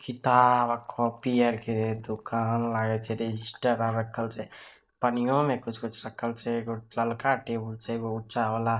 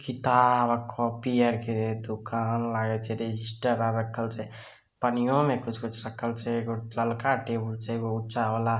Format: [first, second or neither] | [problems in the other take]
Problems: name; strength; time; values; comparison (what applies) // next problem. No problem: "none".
second | noise reduction (neural mask model DeepFilterNet 3)